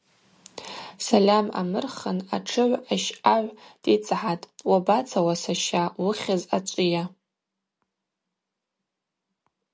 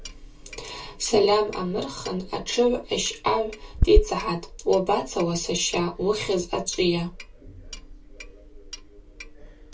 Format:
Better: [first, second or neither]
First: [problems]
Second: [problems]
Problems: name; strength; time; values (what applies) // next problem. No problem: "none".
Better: first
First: none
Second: background sound (Clock); 6 dB below the speech // room echo; dies away in 0.2 s